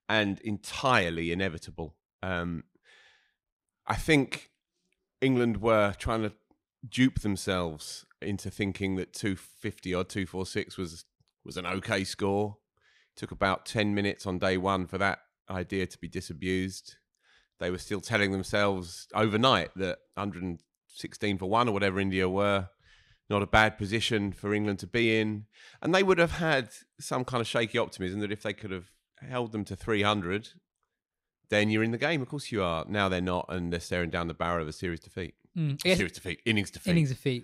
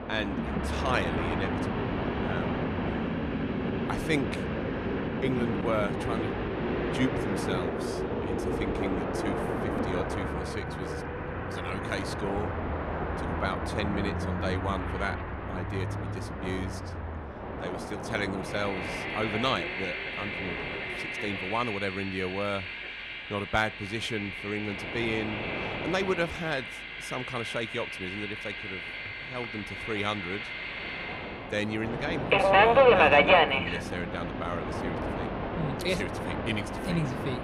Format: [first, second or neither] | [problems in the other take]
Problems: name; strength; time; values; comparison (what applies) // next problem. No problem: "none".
first | train or aircraft noise; very loud; throughout; 4 dB above the speech